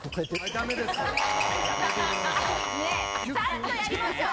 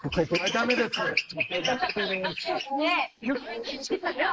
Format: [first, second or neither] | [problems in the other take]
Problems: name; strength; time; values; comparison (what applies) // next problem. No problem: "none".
first | noise reduction (neural mask model Resemble Enhance denoiser)